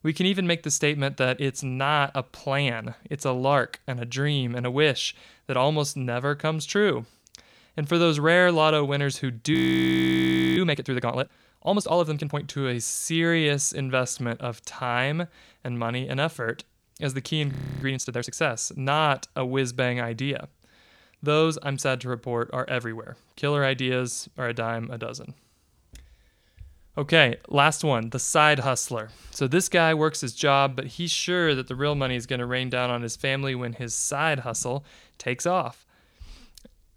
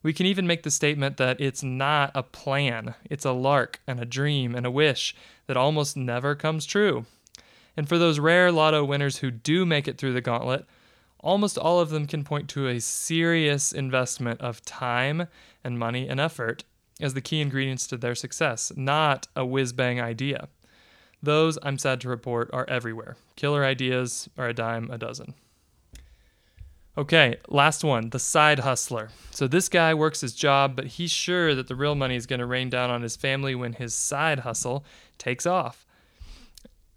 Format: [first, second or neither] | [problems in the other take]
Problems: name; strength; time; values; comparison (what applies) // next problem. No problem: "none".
second | audio freezing; at 9.5 s for 1 s and at 18 s